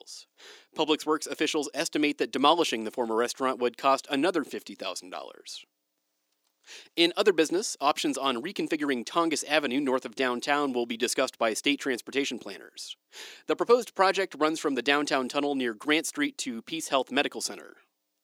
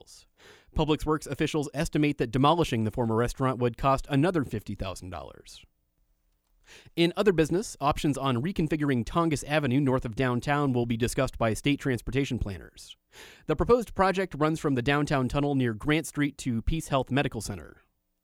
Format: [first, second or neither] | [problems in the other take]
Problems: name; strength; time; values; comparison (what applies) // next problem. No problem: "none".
second | thin; very slightly; fading below 300 Hz